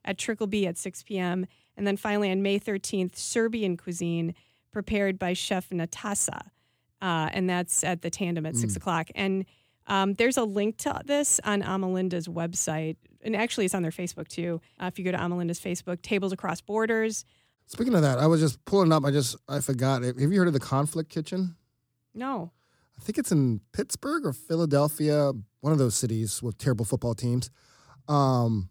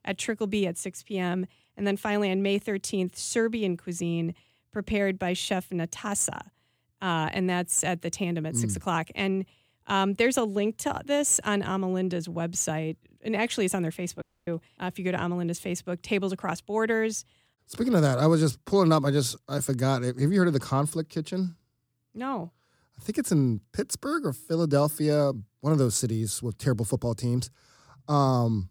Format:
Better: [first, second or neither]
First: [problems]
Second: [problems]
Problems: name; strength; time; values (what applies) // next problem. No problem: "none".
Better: first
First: none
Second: audio cutting out; at 14 s